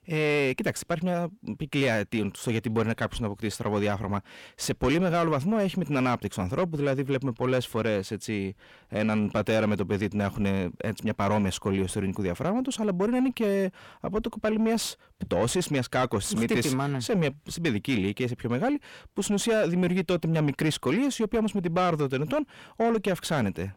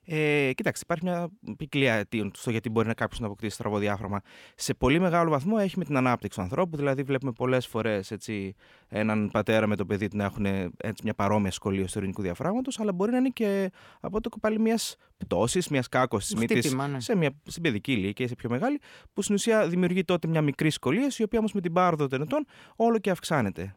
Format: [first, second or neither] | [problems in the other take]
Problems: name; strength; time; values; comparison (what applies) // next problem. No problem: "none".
second | distortion; slight; 10 dB below the speech